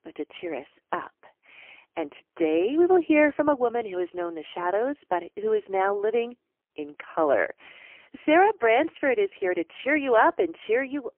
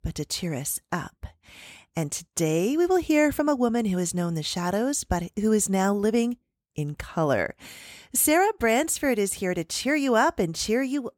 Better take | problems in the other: second | phone-call audio; poor line; nothing above 3 kHz

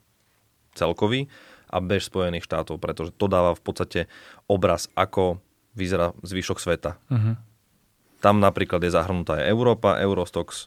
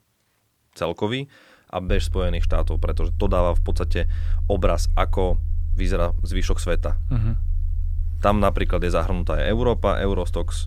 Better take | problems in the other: first | low rumble; faint; from 2 s on; 20 dB below the speech

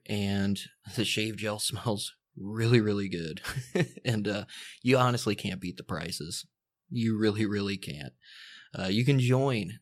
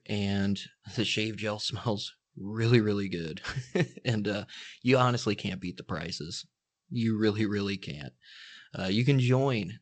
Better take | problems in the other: first | garbled, watery; slightly; nothing above 8 kHz

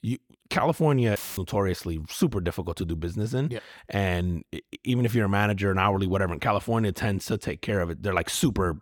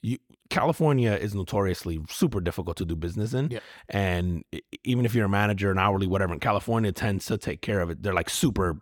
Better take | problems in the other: second | audio cutting out; filled with static; at 1 s

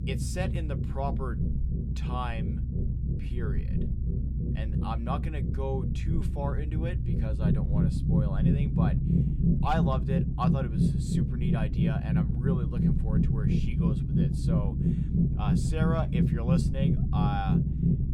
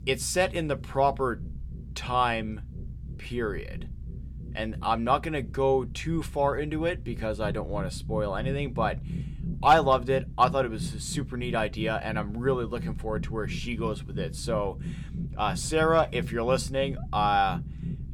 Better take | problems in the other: second | low rumble; loud; throughout; 1 dB below the speech; faint in the second

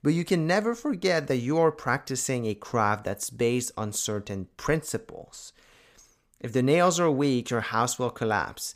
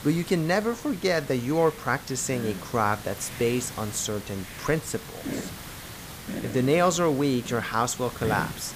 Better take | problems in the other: first | hiss; noticeable; throughout; 10 dB below the speech

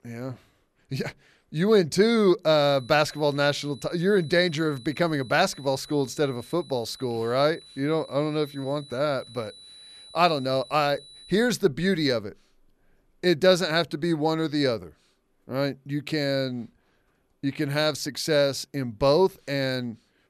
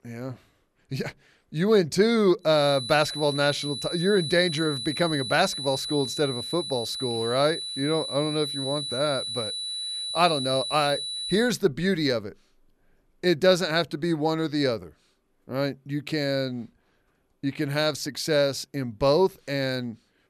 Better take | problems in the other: first | high-pitched whine; loud; from 2.5 to 11 s; 4 kHz, 5 dB below the speech; faint in the first

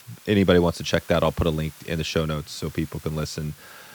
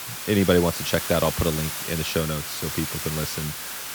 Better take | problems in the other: first | hiss; loud; throughout; 4 dB below the speech; faint in the first

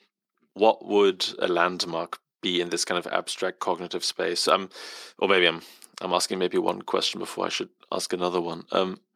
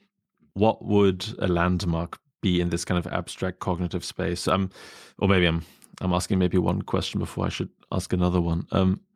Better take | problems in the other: second | thin; very; fading below 350 Hz

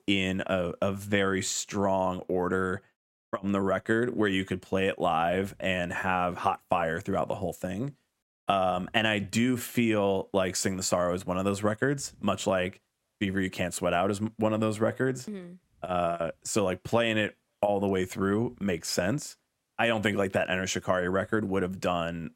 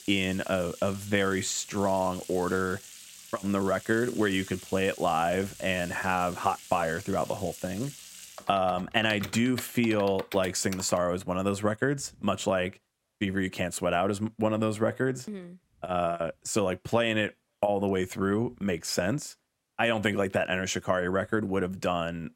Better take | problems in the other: first | household noises; noticeable; until 11 s; 15 dB below the speech

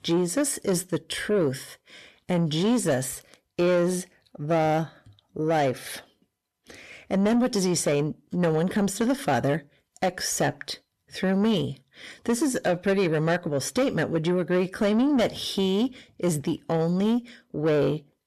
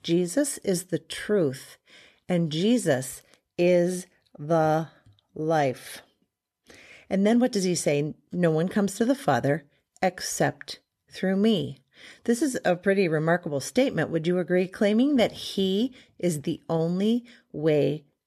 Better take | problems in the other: second | distortion; slight; 10 dB below the speech

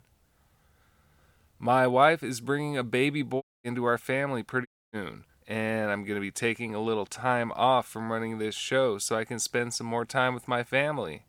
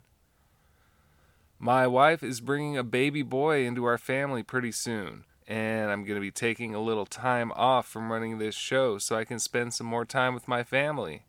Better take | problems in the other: second | audio cutting out; at 3.5 s and at 4.5 s

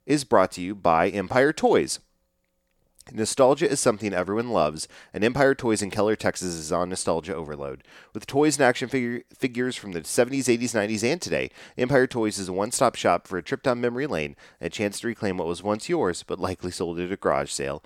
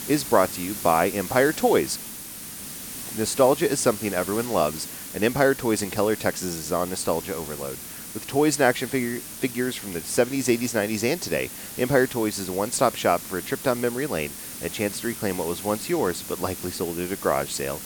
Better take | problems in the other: first | hiss; loud; throughout; 9 dB below the speech

